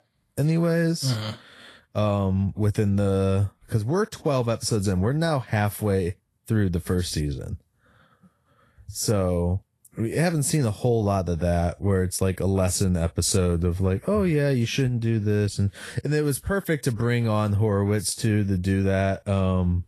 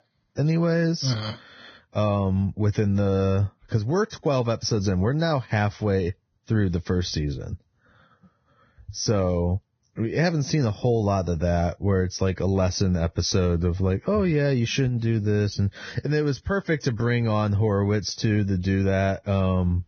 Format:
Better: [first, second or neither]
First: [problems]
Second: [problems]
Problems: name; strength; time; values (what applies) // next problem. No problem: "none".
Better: first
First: garbled, watery; slightly; nothing above 12 kHz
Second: garbled, watery; badly; nothing above 6 kHz